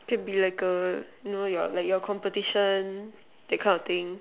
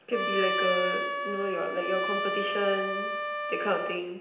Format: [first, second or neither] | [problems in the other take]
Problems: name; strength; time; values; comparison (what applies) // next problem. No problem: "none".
first | background sound (Trumpet); as loud as the speech // room echo; dies away in 0.8 s